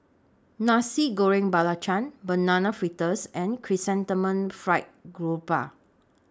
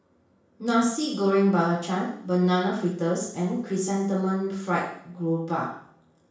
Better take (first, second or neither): first